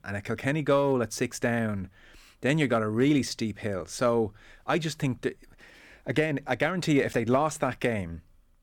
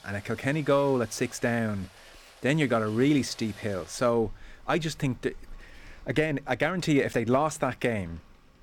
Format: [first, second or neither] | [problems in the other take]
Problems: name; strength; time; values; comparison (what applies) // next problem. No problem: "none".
first | rain or running water; faint; throughout; 25 dB below the speech